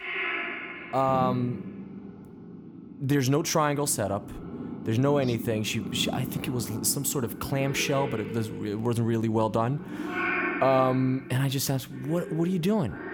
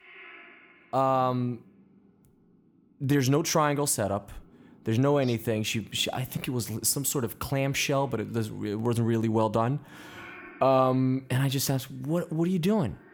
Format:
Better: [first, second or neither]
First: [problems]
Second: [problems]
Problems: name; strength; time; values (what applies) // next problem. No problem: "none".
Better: second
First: animal sounds; loud; throughout; 8 dB below the speech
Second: animal sounds; faint; throughout; 25 dB below the speech